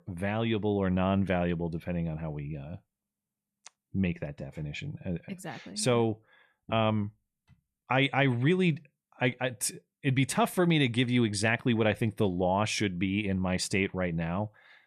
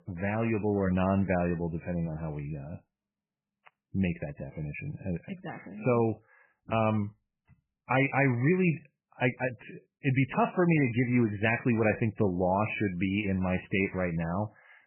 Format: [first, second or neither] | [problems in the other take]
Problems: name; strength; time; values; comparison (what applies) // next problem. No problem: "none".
first | garbled, watery; badly; nothing above 2.5 kHz